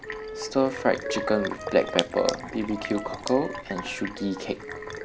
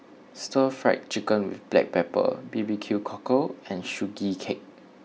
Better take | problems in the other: second | background sound (Sink (filling or washing) + Wind instrument, woodwind instrument); 7 dB below the speech

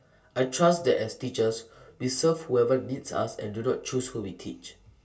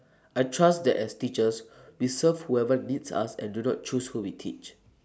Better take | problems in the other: second | room echo; dies away in 0.2 s

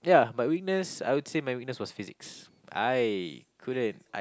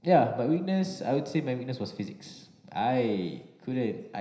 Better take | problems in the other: first | room echo; dies away in 0.9 s

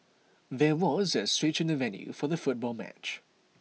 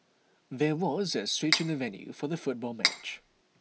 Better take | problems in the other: first | background sound (Cutlery, silverware); 1 dB above the speech

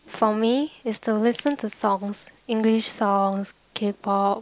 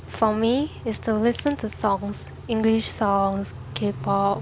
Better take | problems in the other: first | background sound (Idling / Accelerating, revving, vroom / Car); 13 dB below the speech

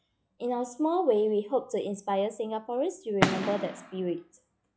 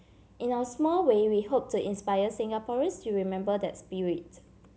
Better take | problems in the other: second | noise reduction (classical method log-MMSE)

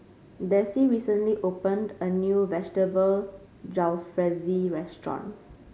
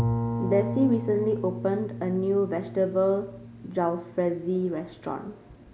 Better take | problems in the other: first | background sound (Bowed string instrument); 6 dB below the speech

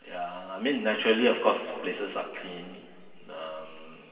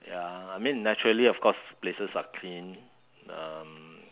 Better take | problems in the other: second | room echo; dies away in 2.7 s

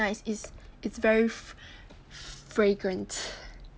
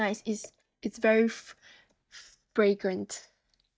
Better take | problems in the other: first | noise reduction (neural mask model DeepFilterNet 3)

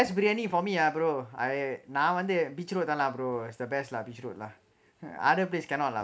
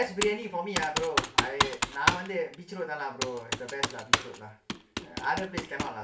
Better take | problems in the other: first | background sound (Computer keyboard); 2 dB above the speech // room echo; dies away in 0.3 s

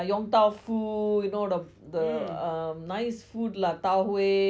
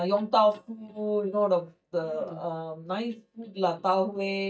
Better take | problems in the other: first | noise reduction (neural mask model DeepFilterNet 3)

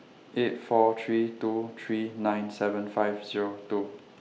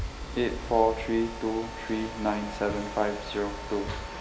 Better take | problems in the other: first | background sound (Mechanisms); 8 dB below the speech

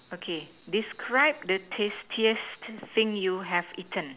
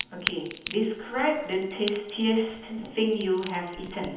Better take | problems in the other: first | background sound (Crack); 12 dB below the speech // room echo; dies away in 1.3 s

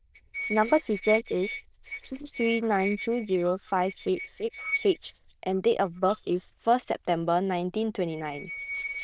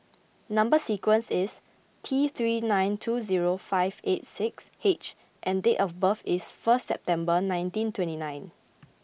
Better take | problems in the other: second | noise reduction (neural diffusion model UNIVERSE++)

